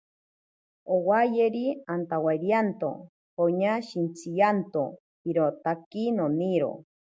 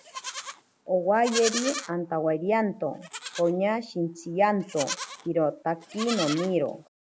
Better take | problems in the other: first | background sound (Livestock, farm animals, working animals); 11 dB below the speech

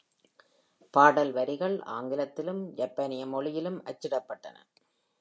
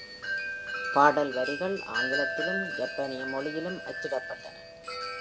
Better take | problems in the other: first | background sound (Wind chime); 4 dB below the speech

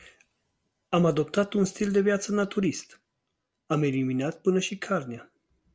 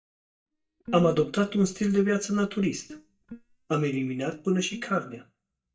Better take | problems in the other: first | noise reduction (neural mask model DeepFilterNet 3)

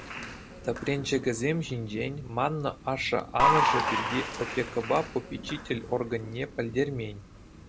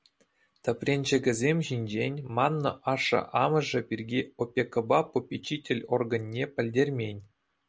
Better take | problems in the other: second | background sound (Applause / Crowd); 2 dB below the speech

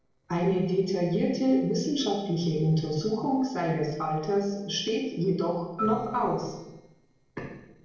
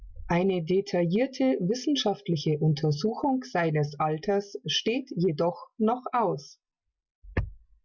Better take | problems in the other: second | noise reduction (neural separator model SepFormer DNS4)

